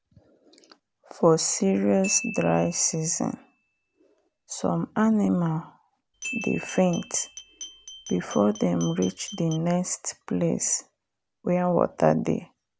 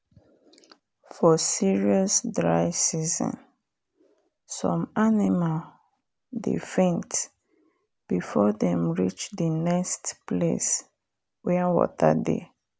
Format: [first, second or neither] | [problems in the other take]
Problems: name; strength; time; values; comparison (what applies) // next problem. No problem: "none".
second | background sound (Glockenspiel + Glass); 15 dB below the speech